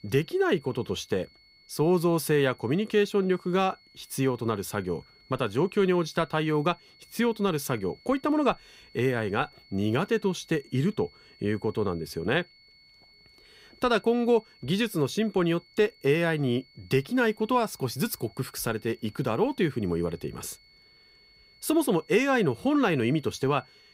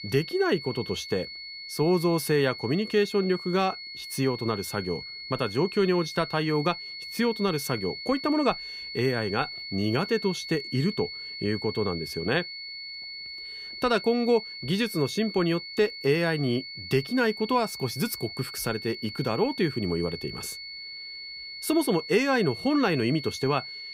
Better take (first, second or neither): first